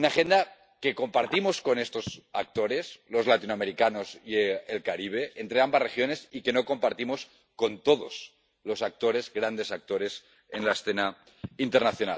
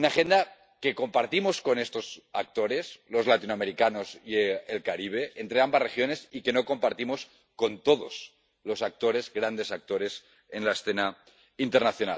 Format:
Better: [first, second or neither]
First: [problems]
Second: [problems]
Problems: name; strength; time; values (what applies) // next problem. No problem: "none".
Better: second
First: background sound (Telephone); 15 dB below the speech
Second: none